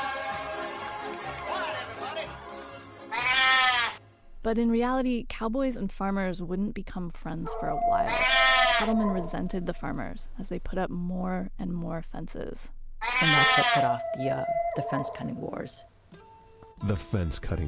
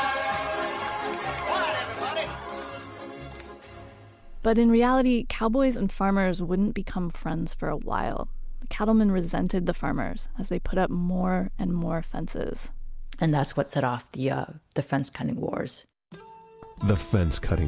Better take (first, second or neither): second